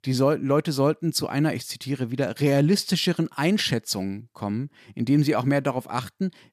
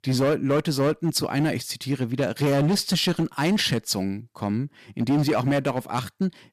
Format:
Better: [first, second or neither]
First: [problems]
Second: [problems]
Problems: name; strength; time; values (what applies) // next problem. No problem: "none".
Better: first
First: none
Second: distortion; slight; 10% of the sound clipped